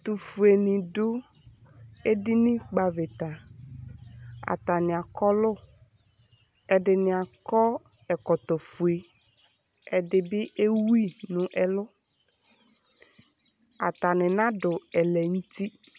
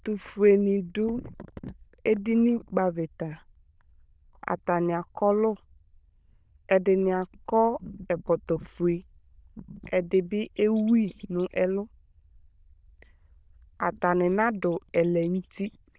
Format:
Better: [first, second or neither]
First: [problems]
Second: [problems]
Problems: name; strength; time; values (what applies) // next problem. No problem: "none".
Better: first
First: none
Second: noise reduction (neural diffusion model UNIVERSE++)